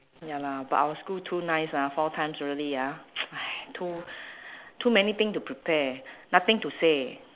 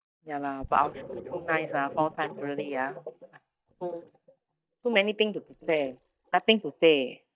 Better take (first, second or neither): first